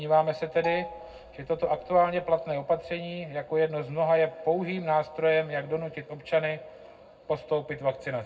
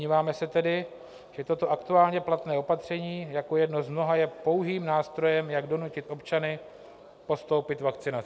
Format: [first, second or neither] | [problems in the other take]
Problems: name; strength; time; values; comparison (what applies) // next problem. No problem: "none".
second | background sound (Marimba, xylophone); 13 dB below the speech // room echo; dies away in 0.3 s